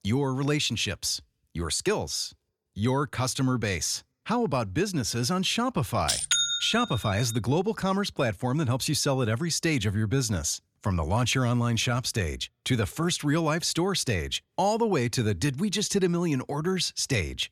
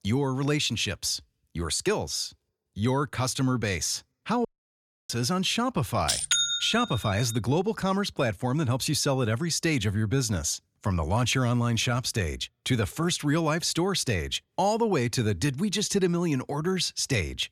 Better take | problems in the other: first | audio cutting out; at 4.5 s for 0.5 s

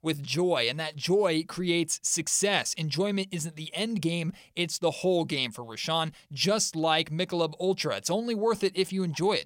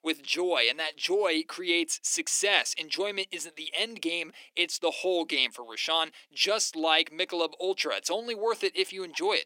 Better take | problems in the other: first | thin; very; fading below 300 Hz

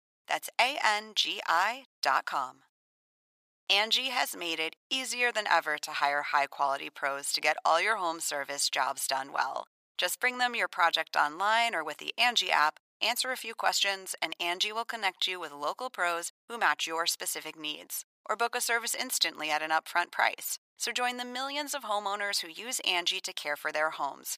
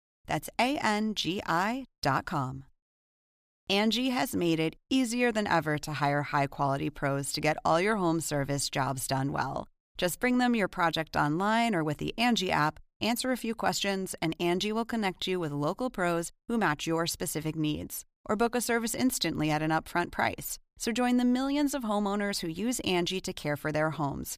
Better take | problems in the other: second | thin; very; fading below 850 Hz

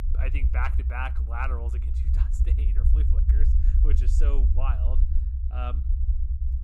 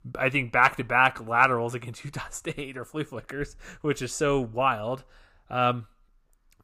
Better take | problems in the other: second | low rumble; loud; throughout; 9 dB below the speech

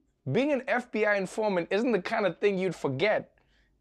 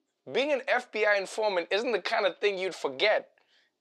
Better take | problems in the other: first | thin; somewhat; fading below 500 Hz

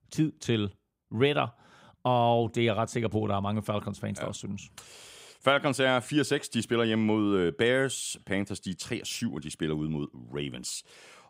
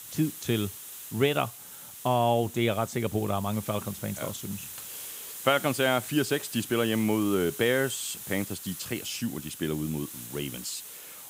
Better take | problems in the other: first | hiss; noticeable; throughout; 10 dB below the speech

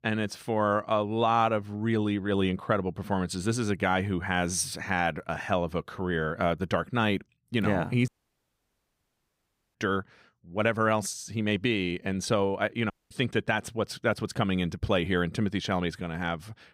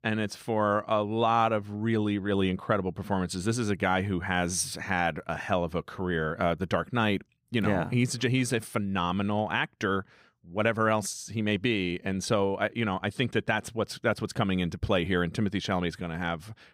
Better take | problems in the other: second | audio cutting out; at 8 s for 1.5 s and at 13 s

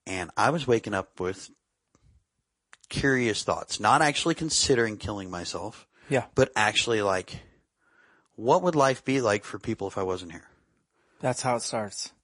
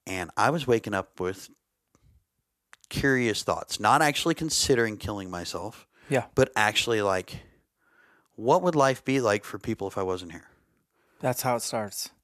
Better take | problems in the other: second | garbled, watery; slightly; nothing above 10.5 kHz

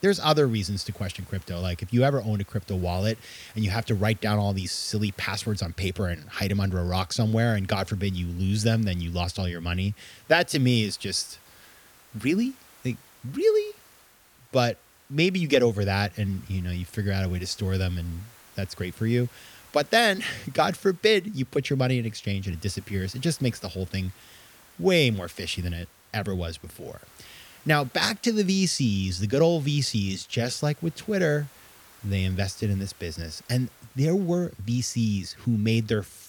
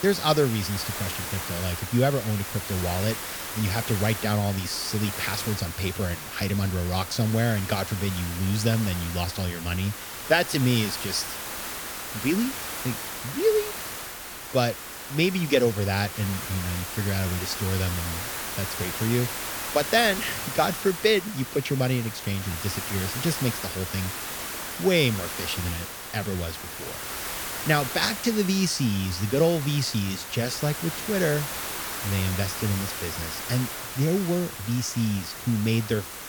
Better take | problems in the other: first | hiss; loud; throughout; 6 dB below the speech; faint in the first

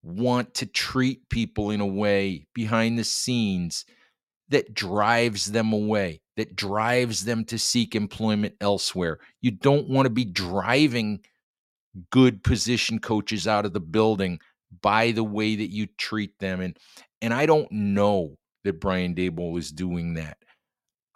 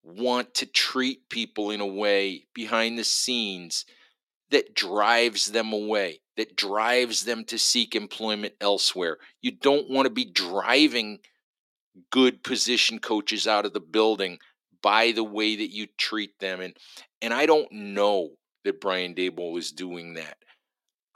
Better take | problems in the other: first | thin; very slightly; fading below 300 Hz

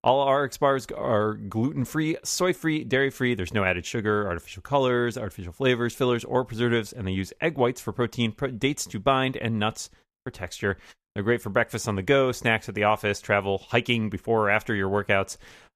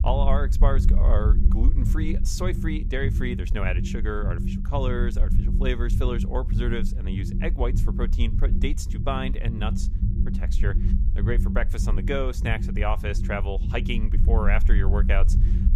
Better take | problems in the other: first | low rumble; loud; throughout; 9 dB below the speech

